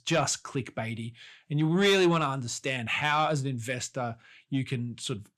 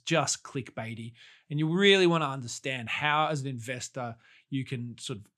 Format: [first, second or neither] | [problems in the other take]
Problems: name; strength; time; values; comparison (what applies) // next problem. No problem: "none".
second | distortion; slight; 10 dB below the speech